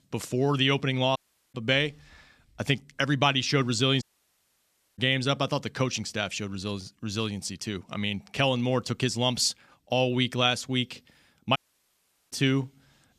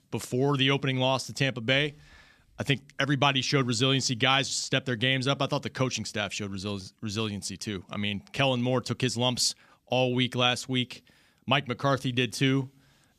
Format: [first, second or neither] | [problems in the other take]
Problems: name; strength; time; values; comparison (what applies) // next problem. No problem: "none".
second | audio cutting out; at 1 s, at 4 s for 1 s and at 12 s for 1 s